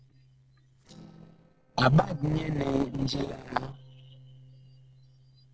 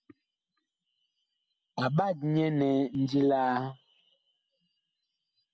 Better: second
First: noise reduction (neural separator model SepFormer DNS4)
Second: none

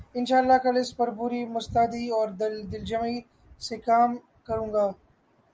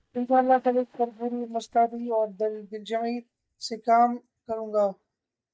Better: first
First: none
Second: noise reduction (neural mask model DeepFilterNet 3)

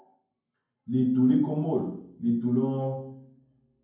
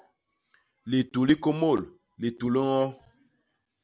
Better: second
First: room echo; dies away in 0.9 s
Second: none

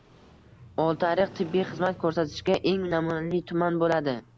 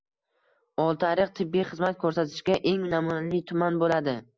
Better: second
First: background sound (Motorcycle); 20 dB below the speech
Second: none

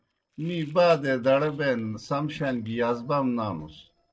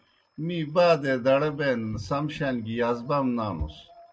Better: second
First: noise reduction (neural separator model SepFormer DNS4)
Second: none

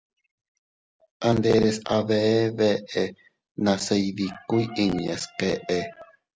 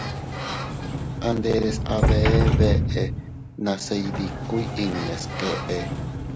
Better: first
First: none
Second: background sound (Sliding door); 3 dB above the speech

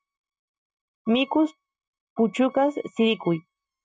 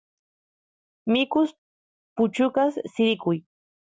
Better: second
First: noise reduction (neural mask model RNNoise)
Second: none

